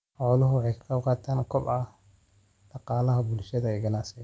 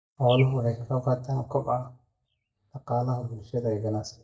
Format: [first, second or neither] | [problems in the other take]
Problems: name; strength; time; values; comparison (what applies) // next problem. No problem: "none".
first | noise reduction (neural mask model DeepFilterNet 3)